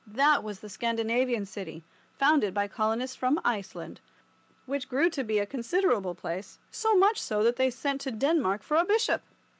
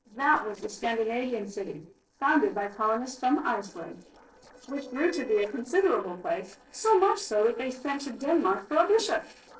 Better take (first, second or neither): first